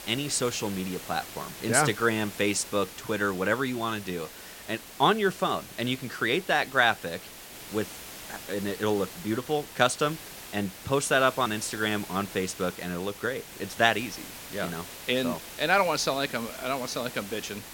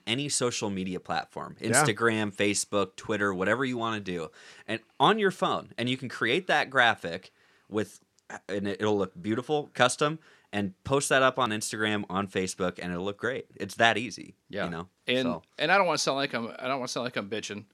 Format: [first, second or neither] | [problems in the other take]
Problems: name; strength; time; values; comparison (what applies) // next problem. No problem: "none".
second | hiss; noticeable; throughout; 15 dB below the speech